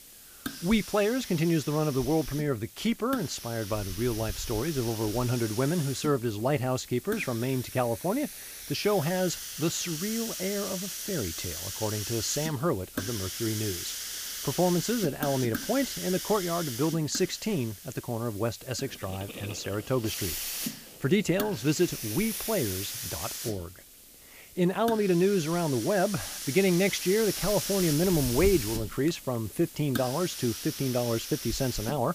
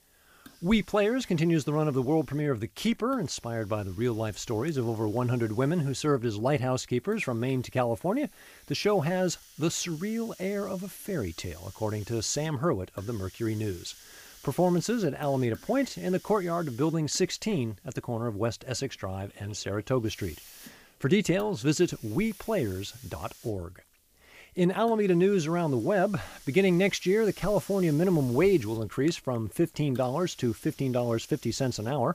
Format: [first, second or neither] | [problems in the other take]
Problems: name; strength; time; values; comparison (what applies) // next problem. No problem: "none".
second | hiss; loud; throughout; 6 dB below the speech; faint in the second